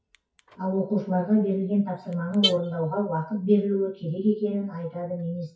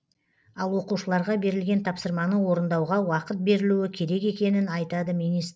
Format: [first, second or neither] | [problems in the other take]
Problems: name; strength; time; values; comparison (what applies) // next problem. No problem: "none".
second | noise reduction (classical method WPE with log-MMSE)